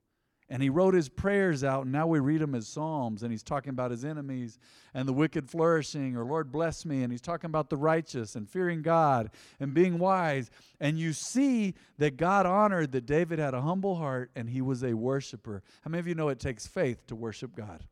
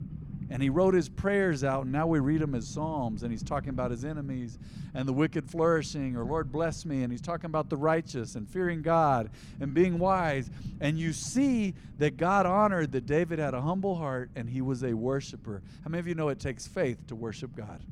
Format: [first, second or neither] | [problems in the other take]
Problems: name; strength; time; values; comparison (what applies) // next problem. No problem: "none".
first | low rumble; faint; throughout; 25 dB below the speech